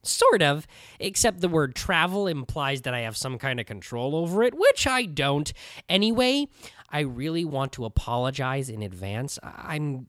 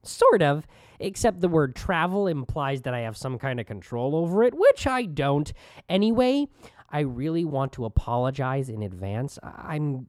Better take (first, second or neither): first